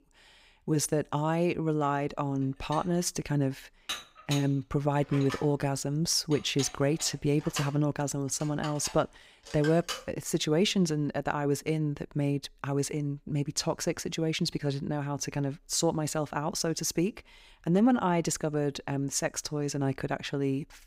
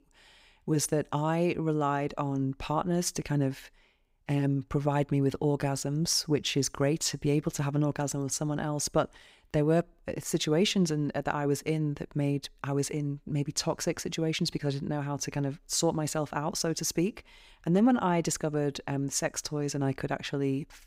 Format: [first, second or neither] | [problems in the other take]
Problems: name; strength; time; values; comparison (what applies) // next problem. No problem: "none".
second | clattering dishes; noticeable; from 2.5 to 10 s; peak 7 dB below the speech